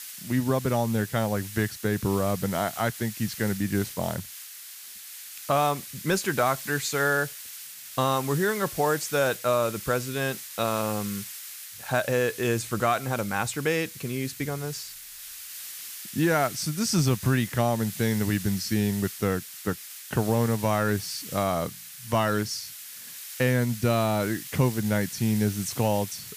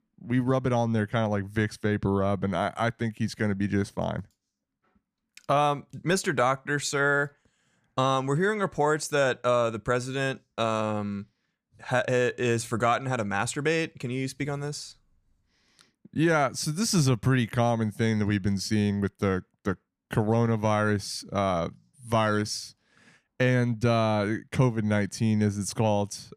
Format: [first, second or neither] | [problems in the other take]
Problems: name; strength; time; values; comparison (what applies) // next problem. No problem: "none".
second | hiss; noticeable; throughout; 10 dB below the speech